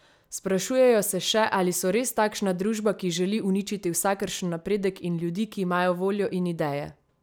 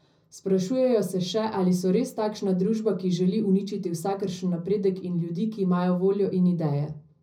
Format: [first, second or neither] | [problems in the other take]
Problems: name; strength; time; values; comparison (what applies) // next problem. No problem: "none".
first | room echo; dies away in 0.4 s